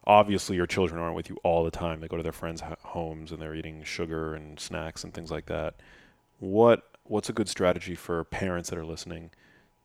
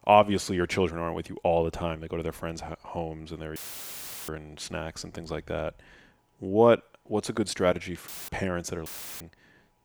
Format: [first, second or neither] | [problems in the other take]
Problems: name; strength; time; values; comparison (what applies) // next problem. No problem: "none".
first | audio cutting out; filled with static; at 3.5 s for 0.5 s, at 8 s and at 9 s